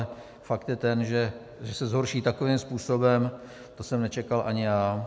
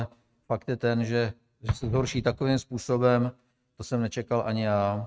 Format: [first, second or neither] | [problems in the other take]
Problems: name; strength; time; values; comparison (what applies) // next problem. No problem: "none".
first | noise reduction (neural mask model RNNoise)